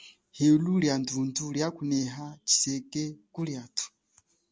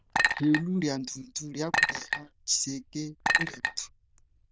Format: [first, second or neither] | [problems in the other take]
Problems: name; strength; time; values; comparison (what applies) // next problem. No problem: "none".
first | noise reduction (neural diffusion model UNIVERSE++)